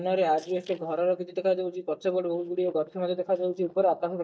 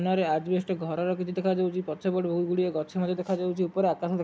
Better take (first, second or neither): second